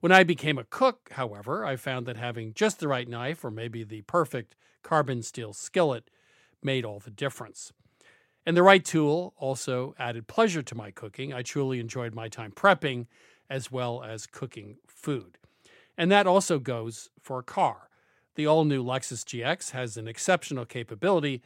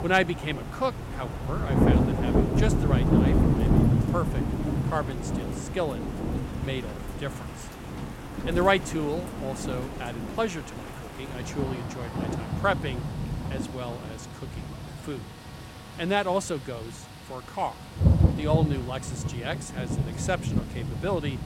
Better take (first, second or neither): first